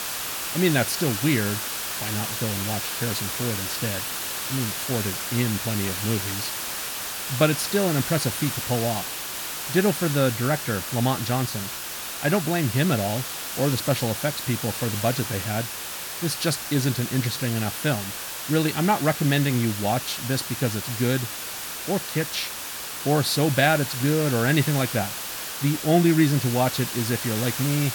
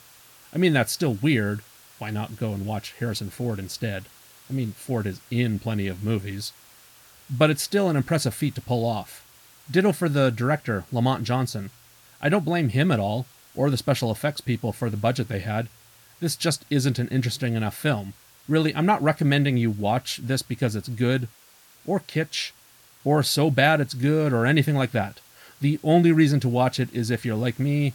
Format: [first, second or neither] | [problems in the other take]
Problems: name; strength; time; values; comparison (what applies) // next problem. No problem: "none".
second | hiss; loud; throughout; 4 dB below the speech; faint in the second